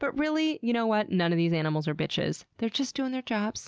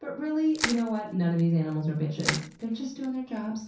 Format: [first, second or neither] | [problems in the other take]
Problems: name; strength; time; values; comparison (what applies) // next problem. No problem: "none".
first | background sound (Crushing); 9 dB below the speech // room echo; dies away in 0.6 s